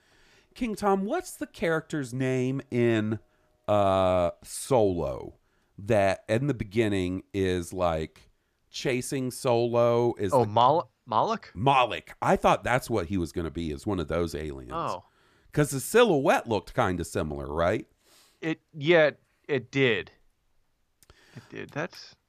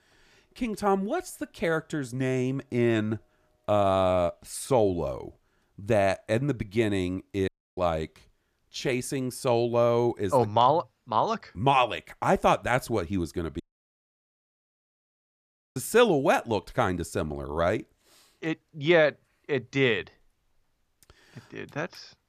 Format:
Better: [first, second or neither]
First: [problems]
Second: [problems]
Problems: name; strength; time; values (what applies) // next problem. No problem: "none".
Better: first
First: none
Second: audio cutting out; at 7.5 s and at 14 s for 2 s